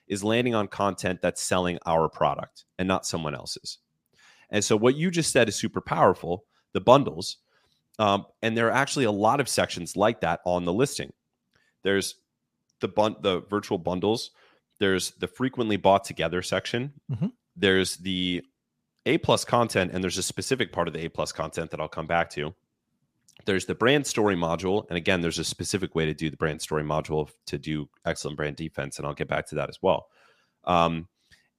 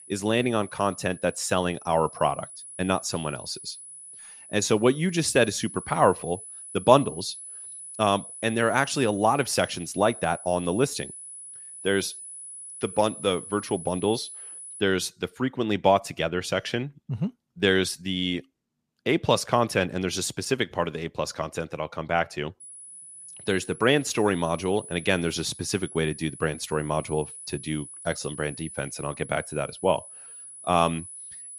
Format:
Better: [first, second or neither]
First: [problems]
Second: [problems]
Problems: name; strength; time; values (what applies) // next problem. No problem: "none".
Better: first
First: none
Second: high-pitched whine; noticeable; until 15 s and from 23 s on; 10 kHz, 15 dB below the speech